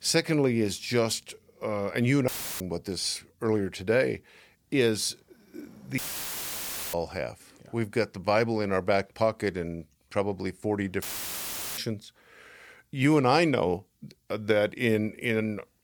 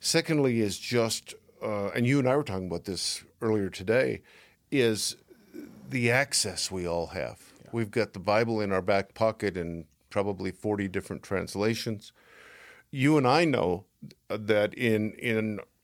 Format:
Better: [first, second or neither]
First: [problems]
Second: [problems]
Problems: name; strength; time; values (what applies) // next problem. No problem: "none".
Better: second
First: audio cutting out; filled with static; at 2.5 s, at 6 s for 1 s and at 11 s for 1 s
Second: none